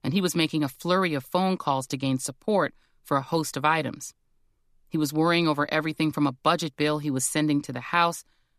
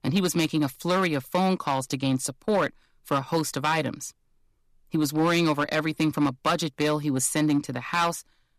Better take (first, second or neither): first